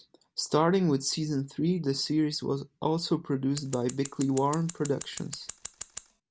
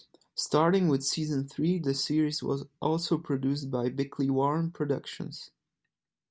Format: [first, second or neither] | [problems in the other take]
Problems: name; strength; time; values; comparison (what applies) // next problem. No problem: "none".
second | background sound (Scissors); 13 dB below the speech